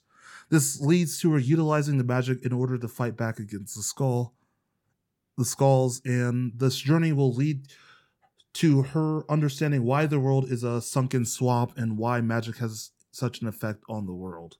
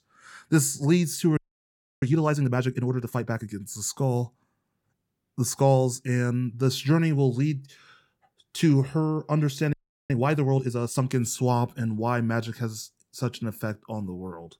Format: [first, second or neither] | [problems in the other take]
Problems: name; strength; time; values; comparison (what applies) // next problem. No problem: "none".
first | audio freezing; at 1.5 s for 0.5 s and at 9.5 s